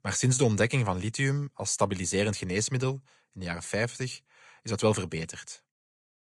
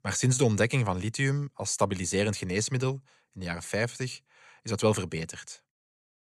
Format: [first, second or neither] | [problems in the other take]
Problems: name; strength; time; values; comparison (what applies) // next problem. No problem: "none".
second | garbled, watery; slightly